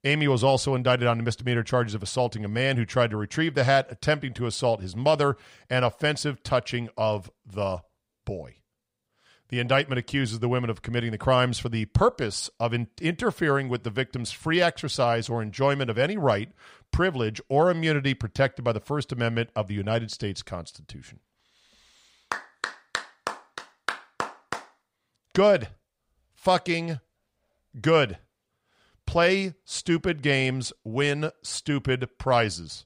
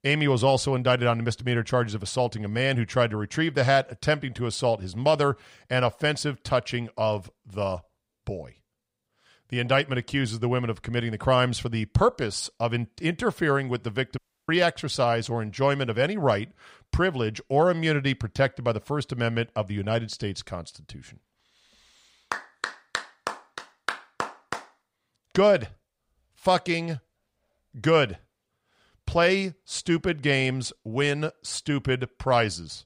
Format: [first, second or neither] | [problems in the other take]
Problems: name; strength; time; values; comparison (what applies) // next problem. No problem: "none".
first | audio cutting out; at 14 s